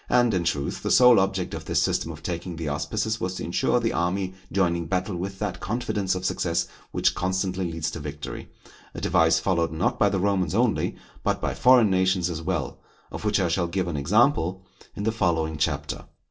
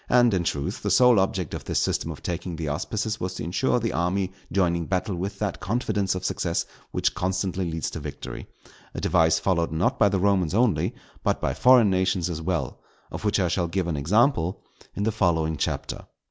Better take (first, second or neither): second